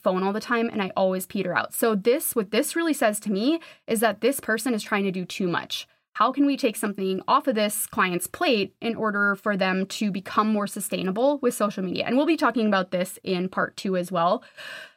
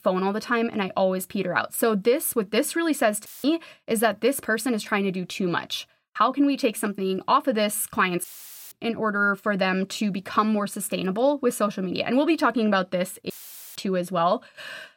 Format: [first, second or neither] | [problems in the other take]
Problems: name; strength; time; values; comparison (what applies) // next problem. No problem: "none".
first | audio cutting out; filled with static; at 3.5 s, at 8 s and at 13 s